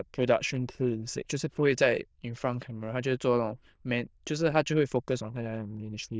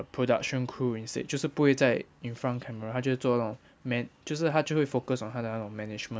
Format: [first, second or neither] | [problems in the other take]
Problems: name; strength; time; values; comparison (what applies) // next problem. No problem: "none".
second | noise reduction (neural diffusion model UNIVERSE++)